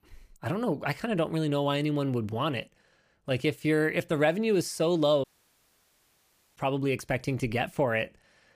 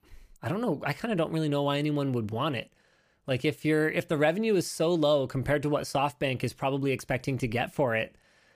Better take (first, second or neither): second